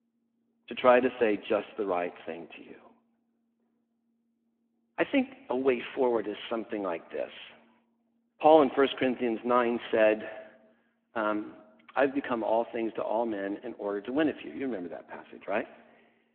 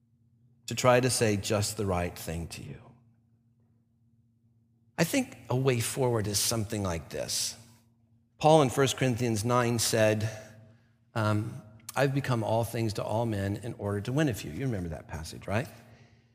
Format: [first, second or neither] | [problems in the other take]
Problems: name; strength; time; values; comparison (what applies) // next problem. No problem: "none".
second | phone-call audio